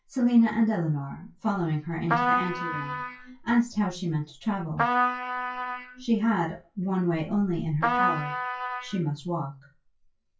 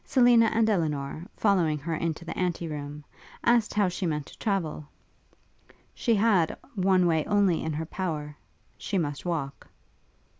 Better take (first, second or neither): second